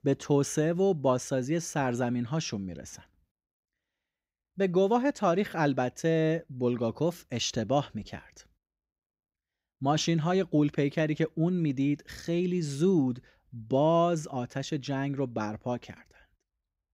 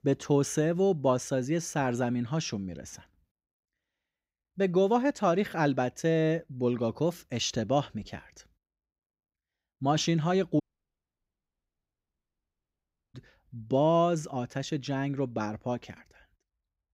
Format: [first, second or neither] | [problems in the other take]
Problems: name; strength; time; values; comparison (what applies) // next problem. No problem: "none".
first | audio cutting out; at 11 s for 2.5 s